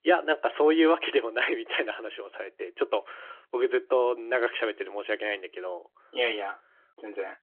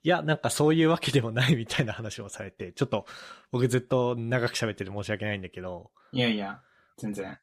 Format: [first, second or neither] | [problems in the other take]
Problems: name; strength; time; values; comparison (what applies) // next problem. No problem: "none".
second | phone-call audio; nothing above 3 kHz